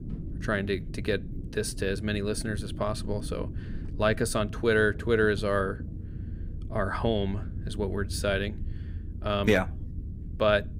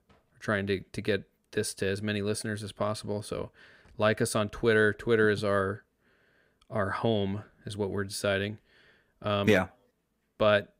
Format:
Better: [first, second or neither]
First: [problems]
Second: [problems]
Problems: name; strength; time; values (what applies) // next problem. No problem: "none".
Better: second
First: low rumble; faint; throughout; 20 dB below the speech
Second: none